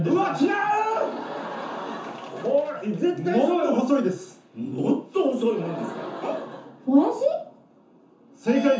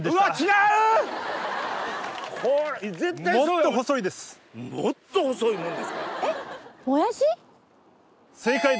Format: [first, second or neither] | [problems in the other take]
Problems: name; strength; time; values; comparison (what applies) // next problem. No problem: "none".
second | room echo; dies away in 0.9 s